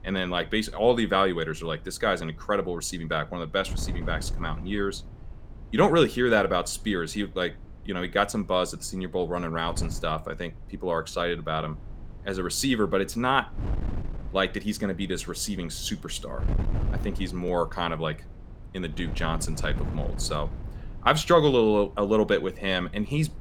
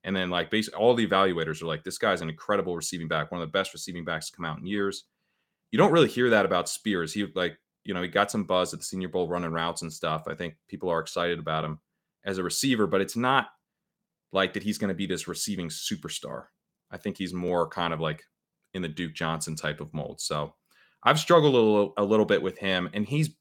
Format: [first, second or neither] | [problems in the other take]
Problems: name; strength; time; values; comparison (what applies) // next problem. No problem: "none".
second | wind noise on the microphone; occasional gusts; 20 dB below the speech